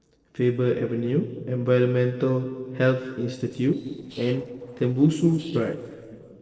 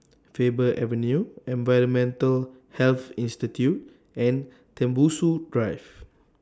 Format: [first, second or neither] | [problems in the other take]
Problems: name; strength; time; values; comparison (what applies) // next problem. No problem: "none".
second | noise reduction (neural separator model SepFormer DNS4)